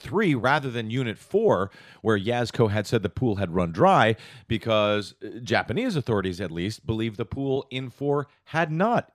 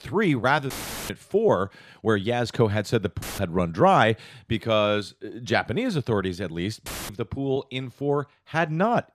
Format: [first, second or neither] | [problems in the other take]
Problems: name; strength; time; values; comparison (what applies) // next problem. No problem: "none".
first | audio cutting out; filled with static; at 0.5 s, at 3 s and at 7 s